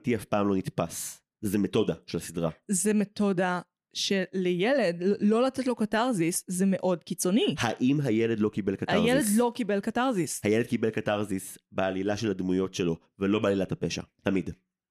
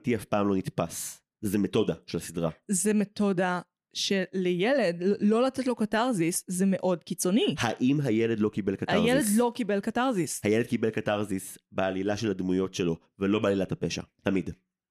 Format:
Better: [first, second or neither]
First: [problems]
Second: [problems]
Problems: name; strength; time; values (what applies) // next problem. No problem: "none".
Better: neither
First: none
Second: none